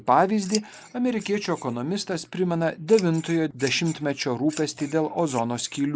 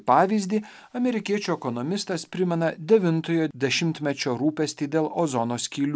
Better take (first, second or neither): second